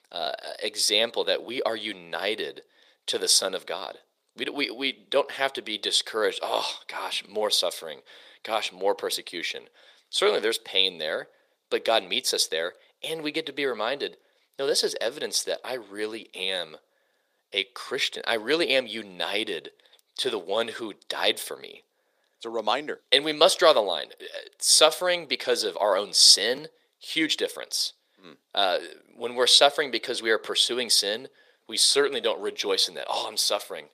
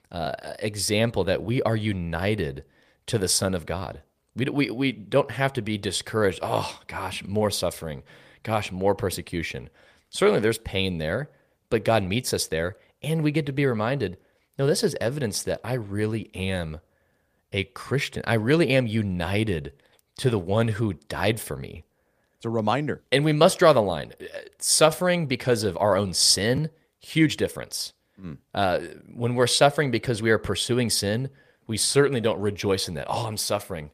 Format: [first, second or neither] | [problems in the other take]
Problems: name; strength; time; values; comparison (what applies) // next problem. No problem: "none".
second | thin; very; fading below 400 Hz